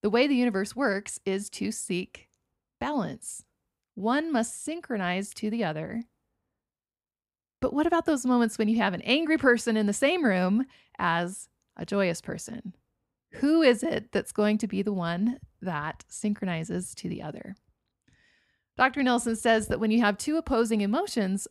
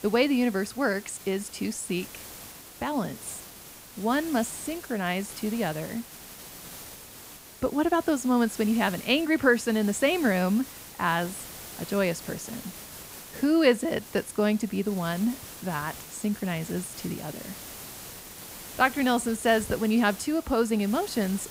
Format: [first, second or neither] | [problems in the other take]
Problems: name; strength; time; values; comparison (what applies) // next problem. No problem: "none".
first | hiss; noticeable; throughout; 15 dB below the speech